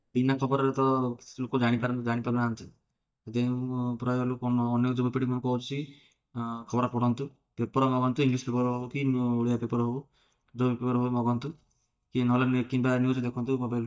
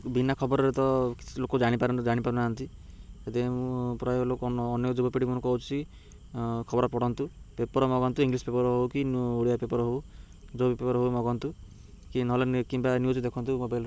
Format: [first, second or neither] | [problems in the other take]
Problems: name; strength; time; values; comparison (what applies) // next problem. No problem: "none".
second | noise reduction (neural mask model DeepFilterNet 3)